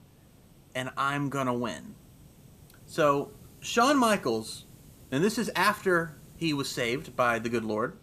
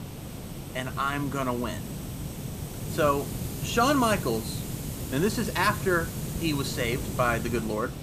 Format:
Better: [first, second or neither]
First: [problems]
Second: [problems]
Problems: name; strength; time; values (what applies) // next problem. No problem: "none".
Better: first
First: hiss; faint; throughout; 25 dB below the speech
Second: hiss; loud; throughout; 7 dB below the speech